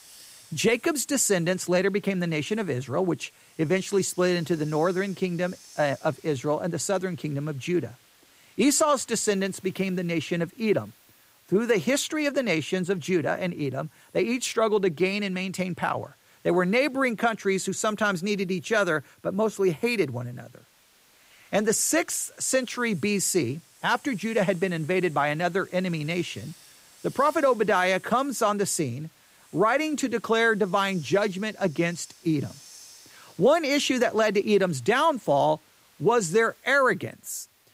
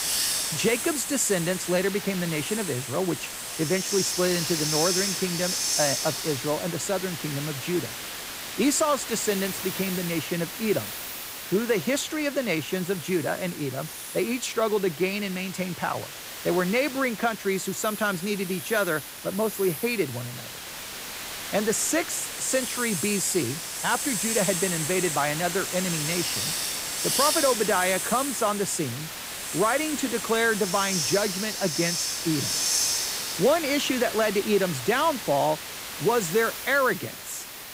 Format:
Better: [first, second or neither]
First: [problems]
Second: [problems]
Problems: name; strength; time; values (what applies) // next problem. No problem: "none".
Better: first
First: hiss; faint; throughout; 25 dB below the speech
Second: hiss; loud; throughout; 3 dB below the speech